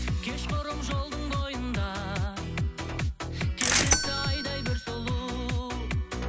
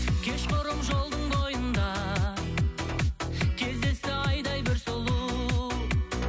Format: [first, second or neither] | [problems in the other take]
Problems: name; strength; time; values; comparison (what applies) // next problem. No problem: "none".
second | background sound (Bell / Mechanisms); 1 dB below the speech